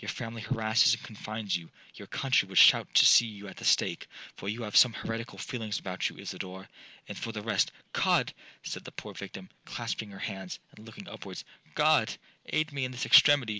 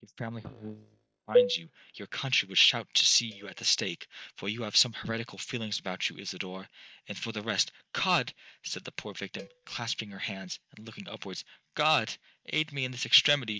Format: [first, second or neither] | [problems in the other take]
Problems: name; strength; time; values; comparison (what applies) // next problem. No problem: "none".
first | noise reduction (neural mask model DeepFilterNet 3)